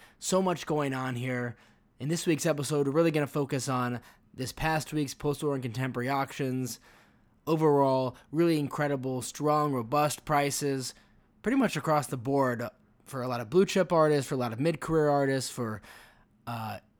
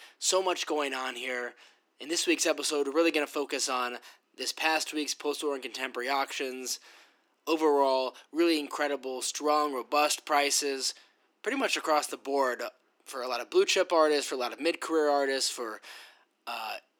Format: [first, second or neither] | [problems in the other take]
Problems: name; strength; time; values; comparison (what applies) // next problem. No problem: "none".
first | thin; somewhat; fading below 300 Hz